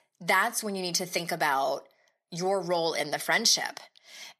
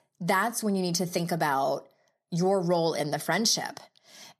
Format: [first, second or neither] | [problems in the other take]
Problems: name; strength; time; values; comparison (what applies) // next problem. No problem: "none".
second | thin; somewhat; fading below 550 Hz